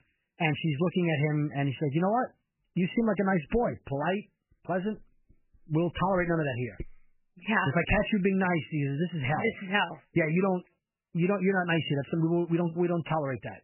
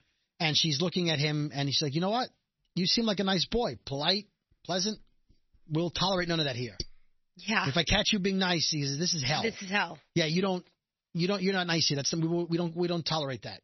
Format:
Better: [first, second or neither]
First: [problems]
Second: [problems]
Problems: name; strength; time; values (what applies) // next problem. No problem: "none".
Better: second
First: garbled, watery; badly; nothing above 3 kHz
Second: garbled, watery; slightly; nothing above 6 kHz